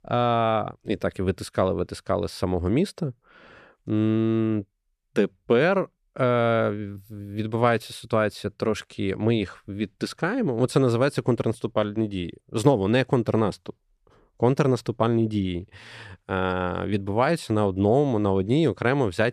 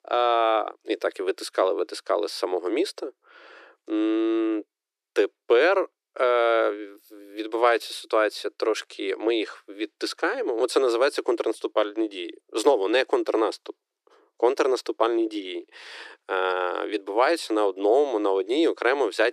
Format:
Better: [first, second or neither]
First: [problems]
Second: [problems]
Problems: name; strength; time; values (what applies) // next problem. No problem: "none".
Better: first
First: none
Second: thin; very; fading below 300 Hz